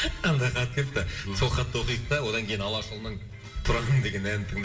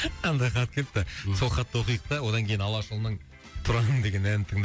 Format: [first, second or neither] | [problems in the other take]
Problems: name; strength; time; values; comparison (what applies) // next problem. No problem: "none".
second | room echo; dies away in 2.5 s